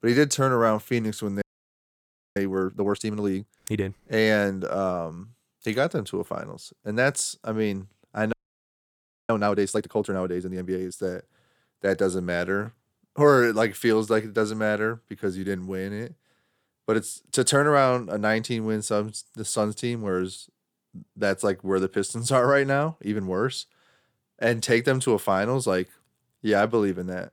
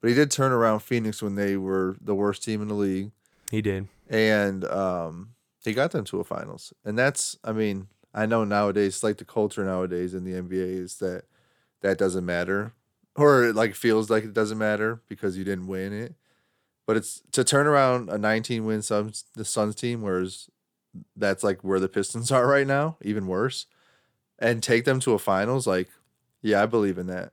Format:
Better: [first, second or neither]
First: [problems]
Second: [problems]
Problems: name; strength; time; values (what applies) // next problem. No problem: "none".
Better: second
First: audio freezing; at 1.5 s for 1 s and at 8.5 s for 1 s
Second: none